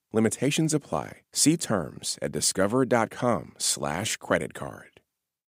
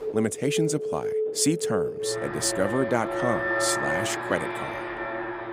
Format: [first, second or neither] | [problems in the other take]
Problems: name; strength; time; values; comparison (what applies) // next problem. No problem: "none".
first | alarms or sirens; loud; throughout; 1 dB below the speech